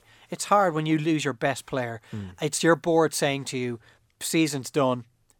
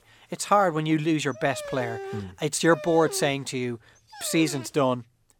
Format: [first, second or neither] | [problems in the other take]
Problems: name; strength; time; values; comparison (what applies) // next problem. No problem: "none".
first | dog barking; faint; from 1.5 to 4.5 s; peak 10 dB below the speech